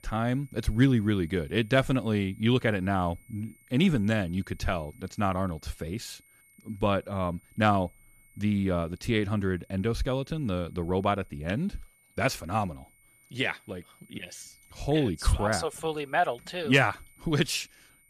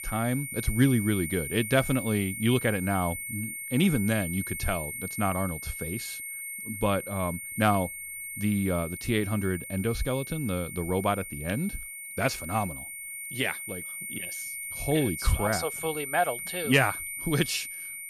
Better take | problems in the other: first | high-pitched whine; loud; throughout; 2 kHz, 6 dB below the speech; faint in the first

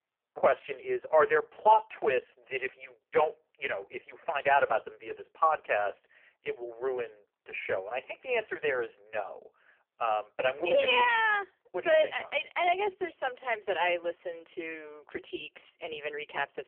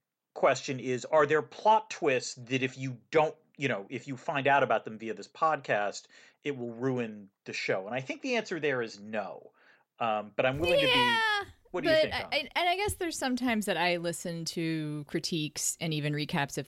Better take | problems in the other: second | phone-call audio; poor line; nothing above 3 kHz

